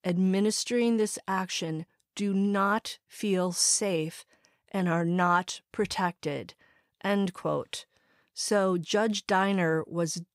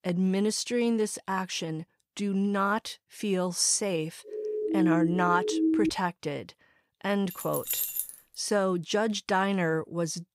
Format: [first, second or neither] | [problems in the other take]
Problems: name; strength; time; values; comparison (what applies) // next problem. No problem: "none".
first | siren; loud; from 4.5 to 6 s; peak 3 dB above the speech // jangling keys; loud; at 7.5 s; peak level with the speech